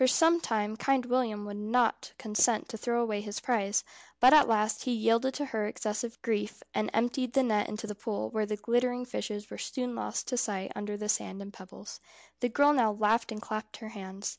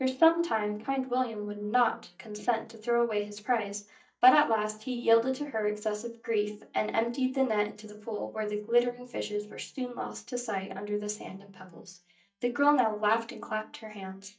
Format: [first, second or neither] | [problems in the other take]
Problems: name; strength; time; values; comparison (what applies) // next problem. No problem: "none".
first | noise reduction (neural mask model DeepFilterNet 3)